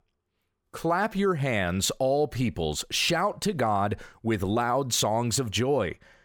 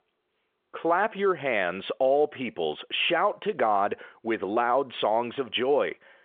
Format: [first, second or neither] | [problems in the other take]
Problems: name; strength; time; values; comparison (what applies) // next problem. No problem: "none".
first | phone-call audio; nothing above 3.5 kHz